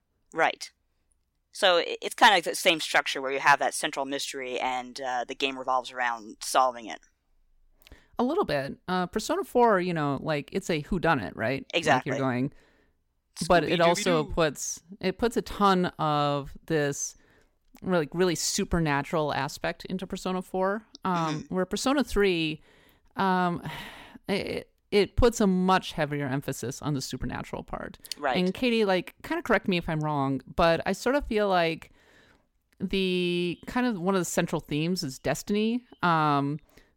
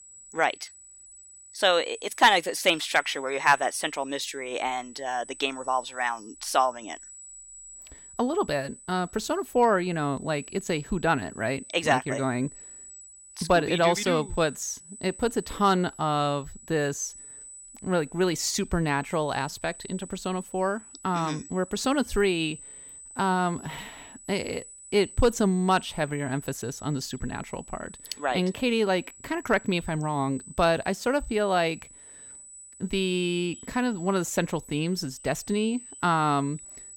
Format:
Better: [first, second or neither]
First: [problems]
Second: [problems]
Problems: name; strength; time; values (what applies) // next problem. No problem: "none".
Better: first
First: none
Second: high-pitched whine; noticeable; throughout; 8 kHz, 15 dB below the speech